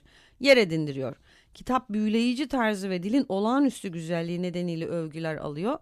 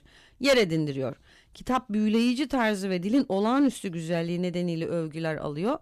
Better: first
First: none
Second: distortion; slight; 3% of the sound clipped

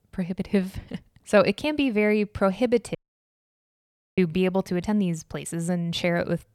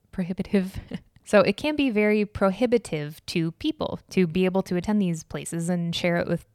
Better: second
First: audio cutting out; at 3 s for 1 s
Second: none

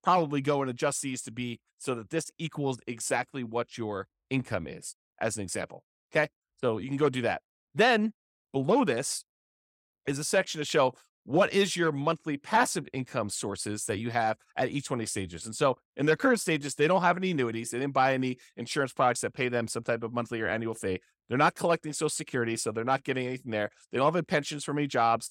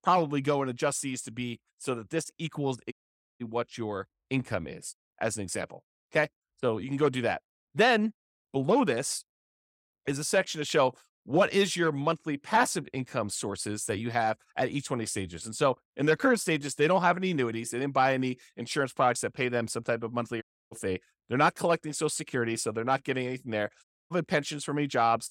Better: first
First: none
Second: audio cutting out; at 3 s, at 20 s and at 24 s

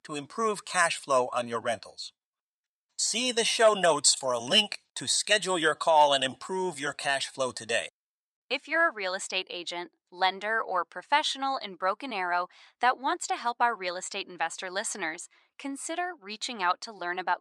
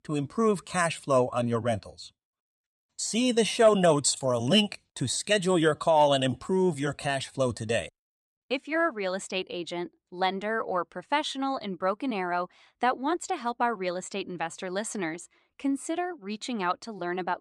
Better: second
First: thin; somewhat; fading below 950 Hz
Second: none

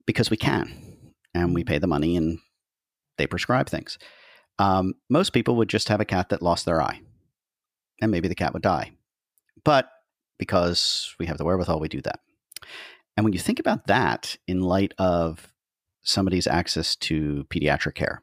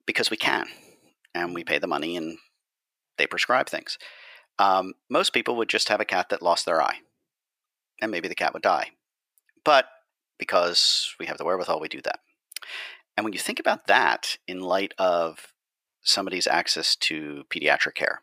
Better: first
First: none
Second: thin; somewhat; fading below 550 Hz

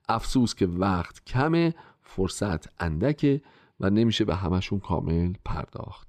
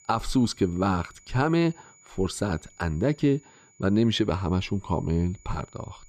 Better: first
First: none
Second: high-pitched whine; faint; throughout; 7 kHz, 30 dB below the speech

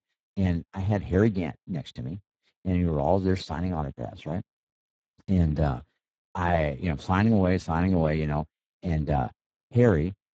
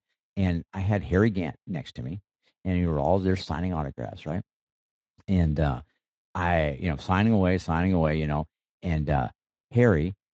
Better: second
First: garbled, watery; badly; nothing above 16.5 kHz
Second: garbled, watery; slightly; nothing above 16.5 kHz

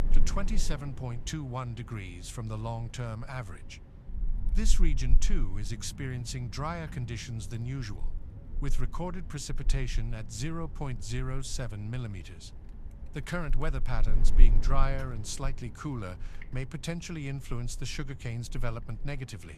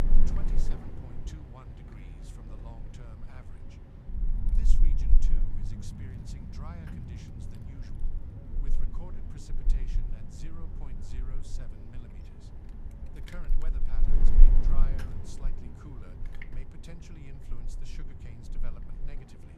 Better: first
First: wind noise on the microphone; occasional gusts; 15 dB below the speech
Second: wind noise on the microphone; heavy; 2 dB above the speech

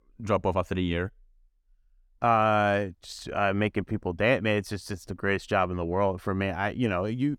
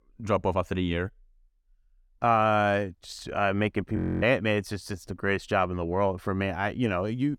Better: first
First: none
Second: audio freezing; at 4 s

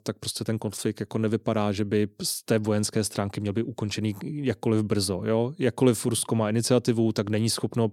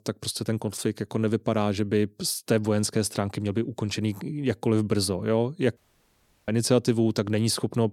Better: first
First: none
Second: audio cutting out; at 6 s for 0.5 s

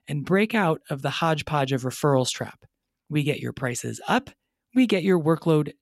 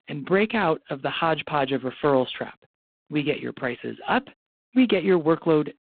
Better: first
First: none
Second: phone-call audio; poor line; nothing above 3.5 kHz

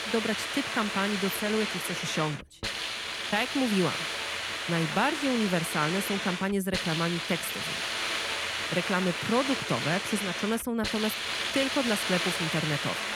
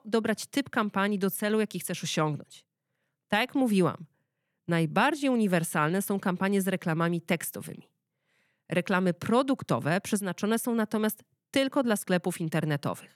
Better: second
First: hiss; loud; throughout; 1 dB below the speech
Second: none

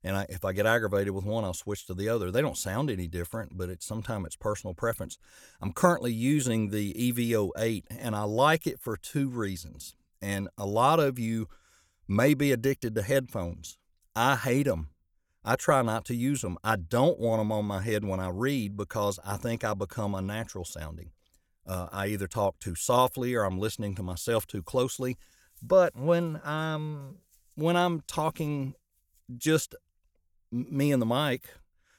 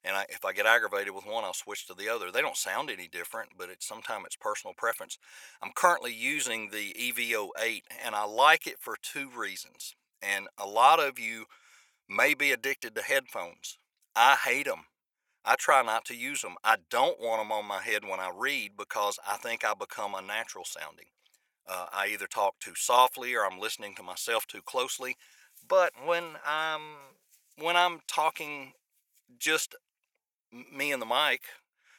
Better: first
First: none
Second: thin; very; fading below 700 Hz

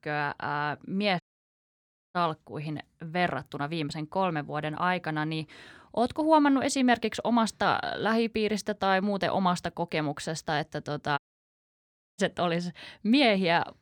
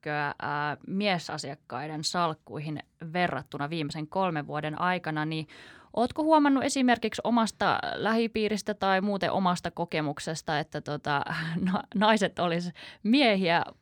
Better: second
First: audio cutting out; at 1 s for 1 s and at 11 s for 1 s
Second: none

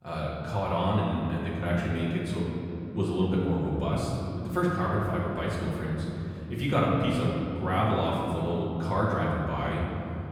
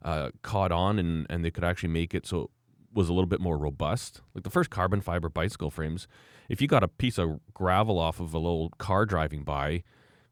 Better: second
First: room echo; noticeable; dies away in 3 s // off-mic speech; far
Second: none

